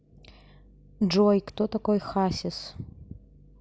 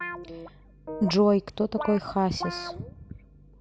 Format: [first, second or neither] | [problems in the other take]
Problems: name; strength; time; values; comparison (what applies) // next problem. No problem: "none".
first | background sound (Guitar); 12 dB below the speech